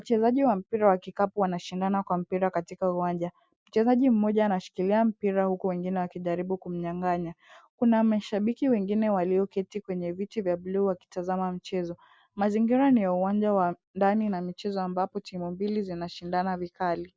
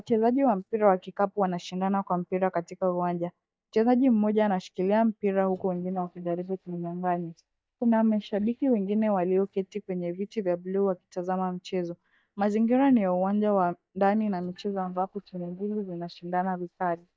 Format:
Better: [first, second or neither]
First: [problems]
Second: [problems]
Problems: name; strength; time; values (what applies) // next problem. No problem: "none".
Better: first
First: none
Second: noise reduction (neural mask model DeepFilterNet 3)